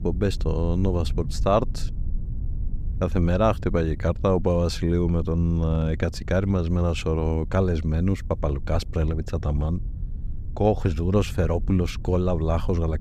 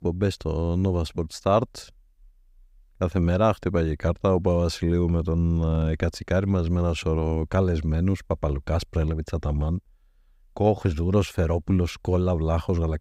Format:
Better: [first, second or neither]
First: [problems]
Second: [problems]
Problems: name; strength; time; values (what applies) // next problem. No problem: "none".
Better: second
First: low rumble; faint; throughout; 20 dB below the speech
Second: none